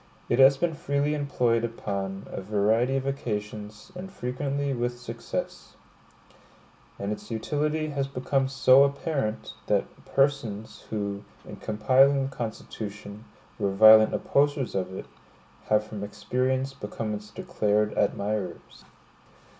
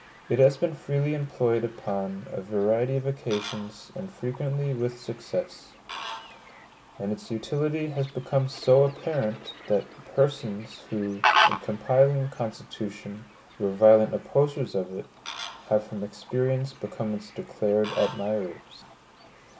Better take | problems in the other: first | background sound (Fowl); 9 dB below the speech

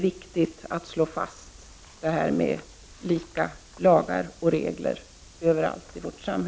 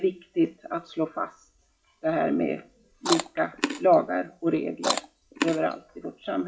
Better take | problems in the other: first | noise reduction (classical method WPE with log-MMSE)

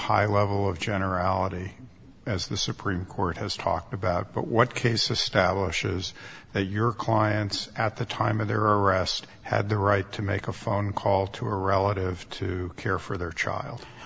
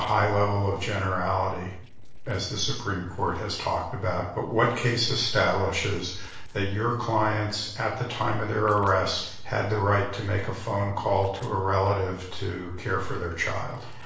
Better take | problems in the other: first | noise reduction (neural separator model SepFormer DNS4)

